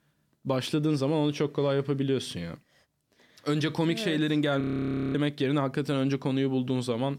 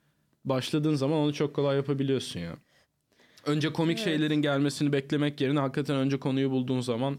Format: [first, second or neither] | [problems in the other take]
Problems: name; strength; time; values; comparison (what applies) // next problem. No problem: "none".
second | audio freezing; at 4.5 s for 0.5 s